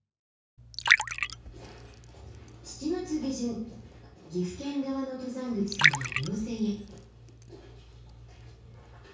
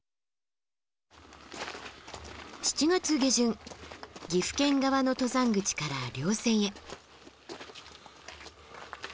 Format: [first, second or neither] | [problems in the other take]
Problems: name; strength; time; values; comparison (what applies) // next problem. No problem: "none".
second | background sound (Liquid); 3 dB above the speech // room echo; dies away in 0.6 s